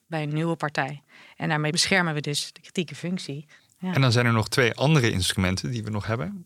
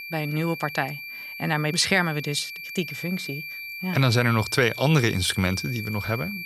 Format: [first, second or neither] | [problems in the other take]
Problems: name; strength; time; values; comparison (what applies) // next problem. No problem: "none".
first | high-pitched whine; loud; throughout; 2.5 kHz, 9 dB below the speech